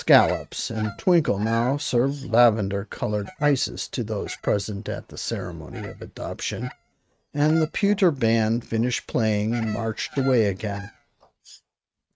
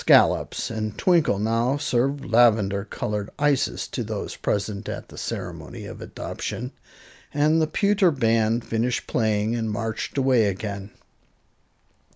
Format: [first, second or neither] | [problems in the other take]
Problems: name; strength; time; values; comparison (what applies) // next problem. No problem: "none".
second | noise reduction (neural mask model RNNoise)